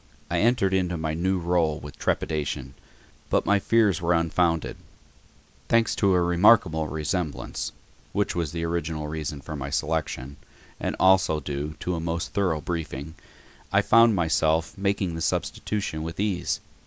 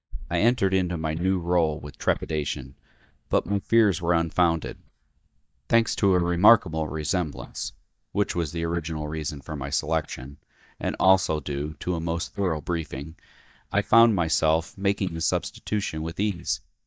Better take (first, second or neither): first